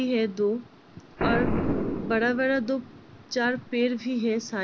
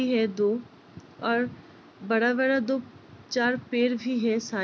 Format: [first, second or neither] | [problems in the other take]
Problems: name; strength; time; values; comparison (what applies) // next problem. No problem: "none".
second | background sound (Boom); 5 dB below the speech